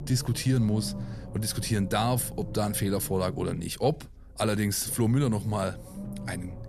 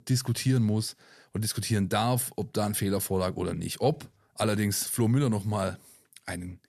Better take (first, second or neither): second